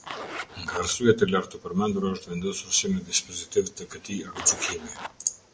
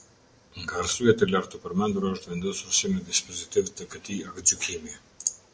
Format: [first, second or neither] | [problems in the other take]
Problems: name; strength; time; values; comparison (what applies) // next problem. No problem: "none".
second | background sound (Zipper (clothing)); 10 dB below the speech